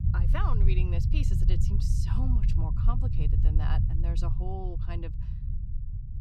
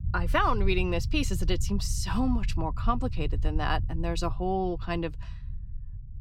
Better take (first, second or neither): second